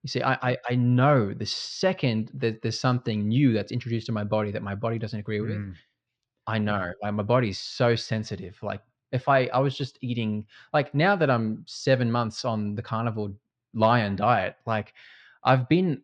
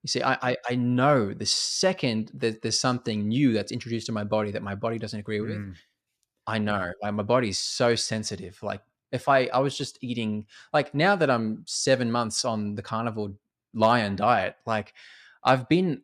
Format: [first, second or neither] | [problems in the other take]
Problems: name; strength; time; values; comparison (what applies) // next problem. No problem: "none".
second | muffled; very slightly; fading above 4 kHz